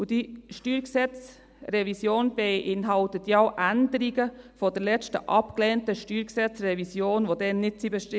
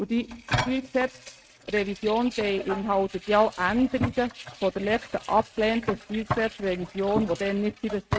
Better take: first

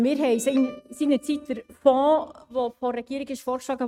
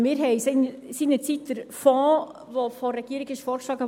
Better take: second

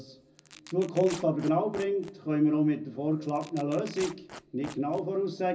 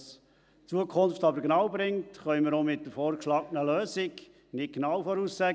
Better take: second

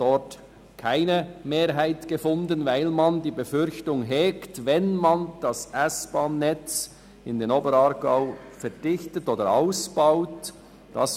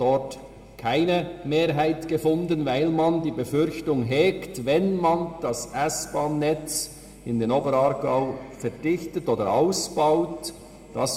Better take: first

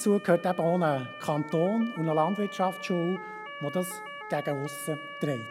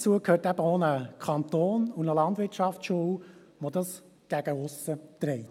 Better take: second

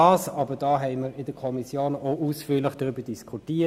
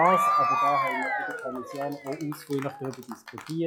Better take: first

